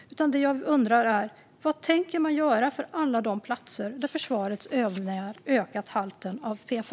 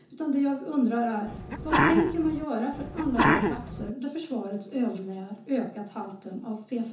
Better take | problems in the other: first | background sound (Sneeze); 3 dB above the speech // room echo; dies away in 0.6 s

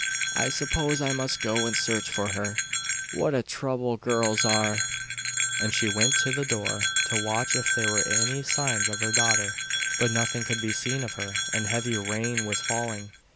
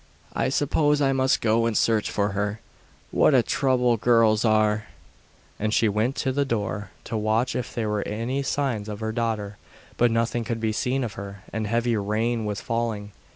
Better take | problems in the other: second | background sound (Bell); 2 dB above the speech

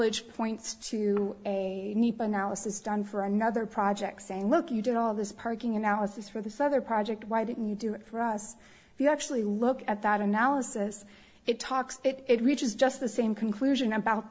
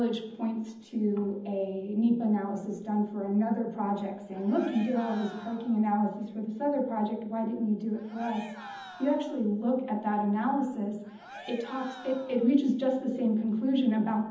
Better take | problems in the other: first | background sound (Cheering); 17 dB below the speech // room echo; dies away in 0.8 s

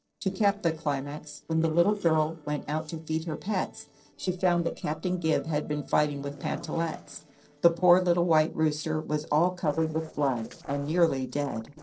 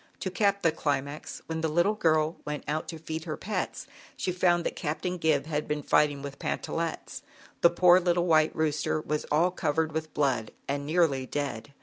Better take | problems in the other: second | noise reduction (neural separator model SepFormer DNS4)

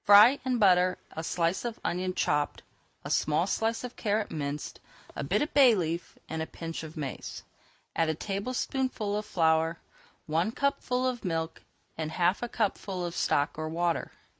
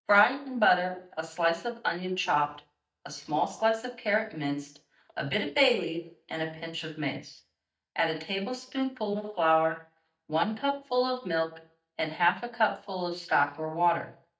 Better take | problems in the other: first | noise reduction (neural mask model DeepFilterNet 3)

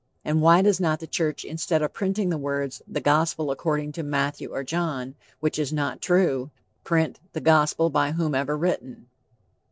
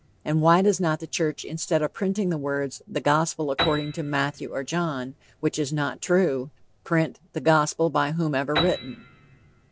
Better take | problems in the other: first | background sound (Piano); 14 dB below the speech

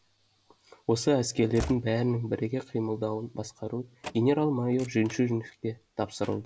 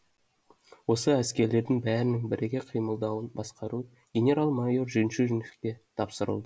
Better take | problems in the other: second | background sound (Slam / Train); 18 dB below the speech

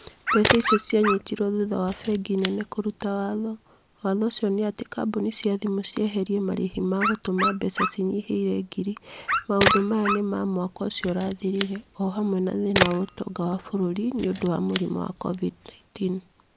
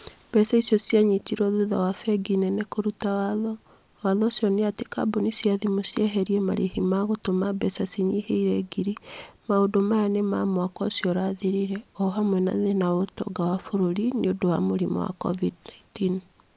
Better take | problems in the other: second | background sound (Camera + Dog); 4 dB below the speech

